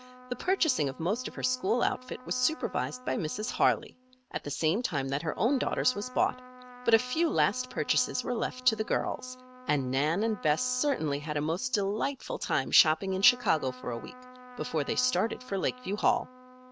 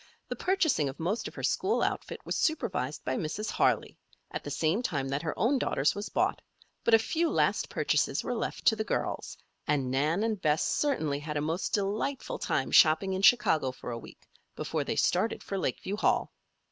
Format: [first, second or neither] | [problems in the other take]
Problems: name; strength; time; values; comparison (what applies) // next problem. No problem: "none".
second | background sound (Trumpet); 19 dB below the speech